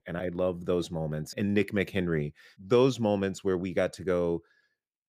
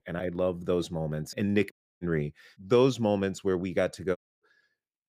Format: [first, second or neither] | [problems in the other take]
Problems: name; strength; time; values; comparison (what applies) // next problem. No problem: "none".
first | audio cutting out; at 1.5 s and at 4 s